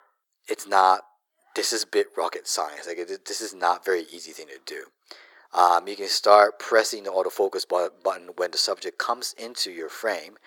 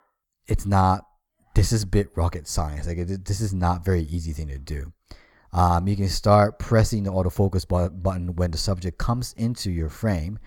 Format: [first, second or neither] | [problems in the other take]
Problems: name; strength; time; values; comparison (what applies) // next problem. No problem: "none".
second | thin; very; fading below 350 Hz